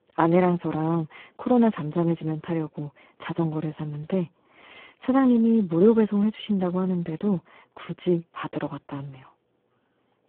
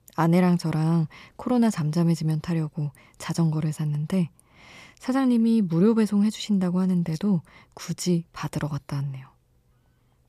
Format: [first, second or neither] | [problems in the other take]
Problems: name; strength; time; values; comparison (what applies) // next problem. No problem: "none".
second | phone-call audio; poor line; nothing above 8 kHz